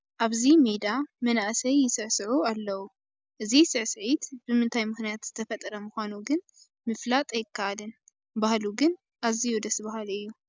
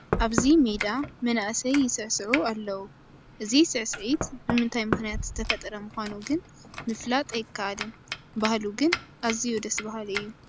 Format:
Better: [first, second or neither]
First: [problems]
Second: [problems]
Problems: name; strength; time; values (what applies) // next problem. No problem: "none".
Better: first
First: none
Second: background sound (Knock + Domestic sounds, home sounds); 7 dB below the speech